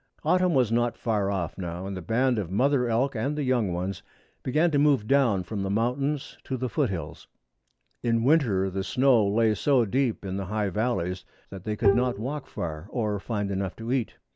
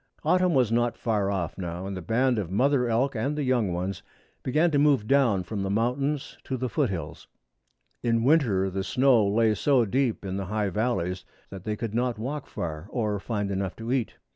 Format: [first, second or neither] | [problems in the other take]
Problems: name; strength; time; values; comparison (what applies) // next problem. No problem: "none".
second | background sound (Bowed string instrument); 3 dB below the speech